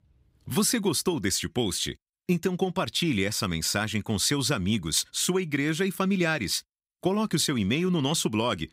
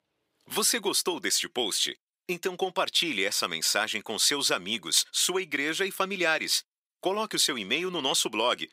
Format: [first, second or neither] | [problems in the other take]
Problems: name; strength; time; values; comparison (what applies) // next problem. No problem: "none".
first | thin; somewhat; fading below 500 Hz